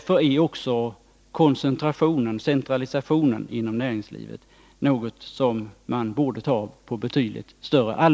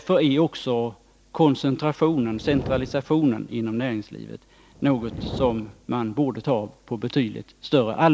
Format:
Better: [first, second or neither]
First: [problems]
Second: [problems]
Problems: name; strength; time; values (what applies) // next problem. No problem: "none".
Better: first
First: none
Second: background sound (Fire); 13 dB below the speech